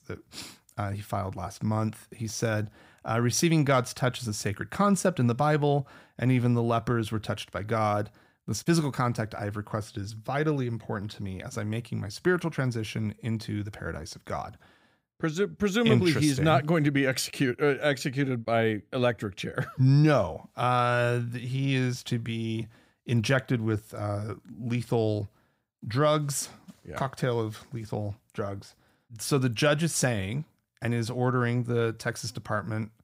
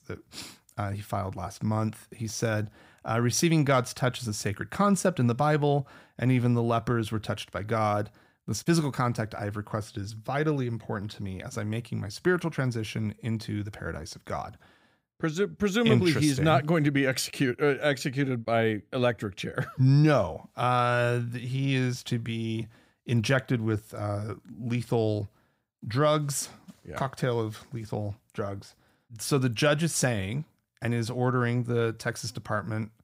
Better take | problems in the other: neither | none

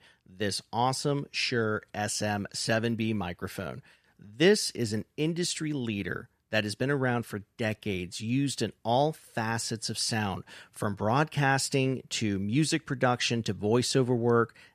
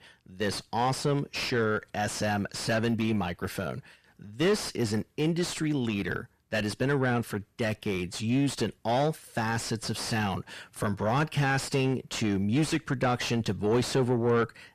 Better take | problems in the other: first | distortion; heavy; 7 dB below the speech

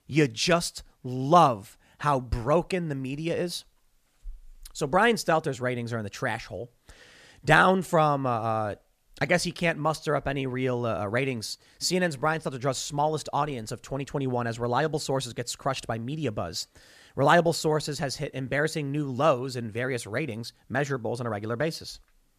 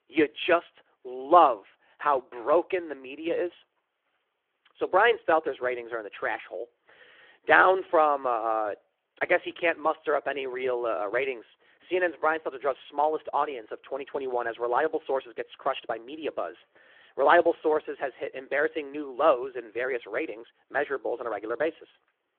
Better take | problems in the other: first | phone-call audio

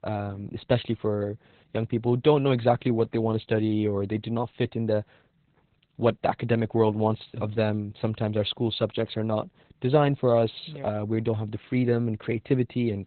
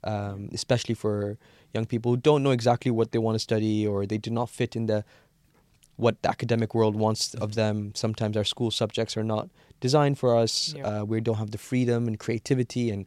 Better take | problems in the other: second | garbled, watery; badly; nothing above 4 kHz

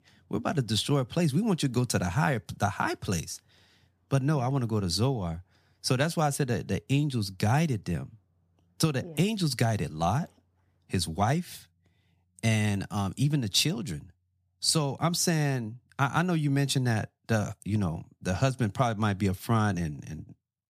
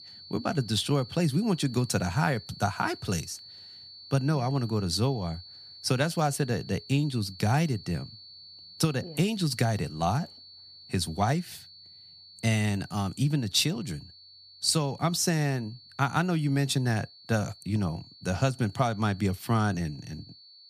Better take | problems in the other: first | high-pitched whine; noticeable; throughout; 4.5 kHz, 20 dB below the speech

